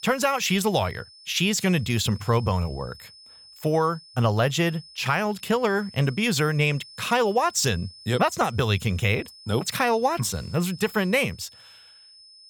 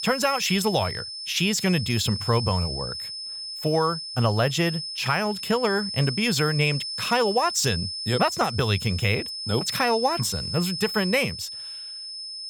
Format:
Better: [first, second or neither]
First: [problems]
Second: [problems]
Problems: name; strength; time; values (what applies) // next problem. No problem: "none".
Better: first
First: high-pitched whine; faint; throughout; 5 kHz, 20 dB below the speech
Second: high-pitched whine; loud; throughout; 5 kHz, 6 dB below the speech